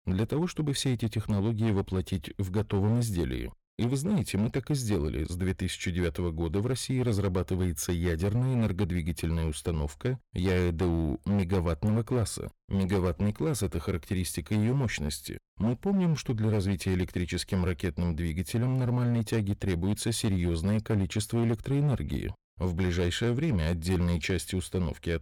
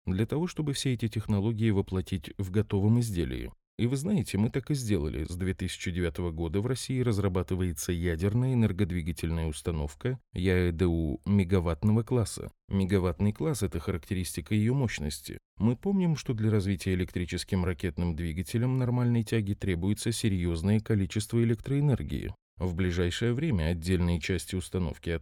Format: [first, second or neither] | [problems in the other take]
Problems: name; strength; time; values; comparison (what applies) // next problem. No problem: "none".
second | distortion; slight; 10% of the sound clipped